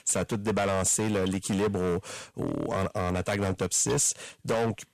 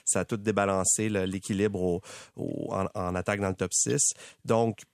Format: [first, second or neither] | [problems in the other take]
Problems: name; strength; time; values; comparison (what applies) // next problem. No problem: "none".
second | distortion; heavy; 16% of the sound clipped